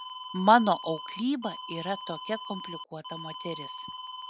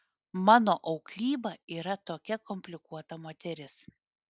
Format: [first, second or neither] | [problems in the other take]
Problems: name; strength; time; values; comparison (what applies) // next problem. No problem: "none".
second | background sound (Alarm); 11 dB below the speech